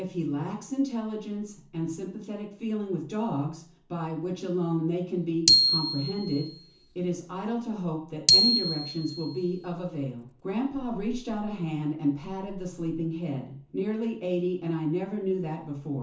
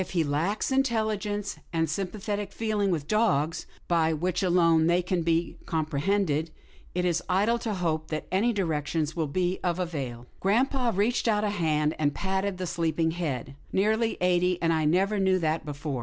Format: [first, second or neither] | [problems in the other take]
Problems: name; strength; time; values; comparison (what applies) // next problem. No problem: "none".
second | background sound (Glockenspiel); 3 dB above the speech // room echo; dies away in 0.9 s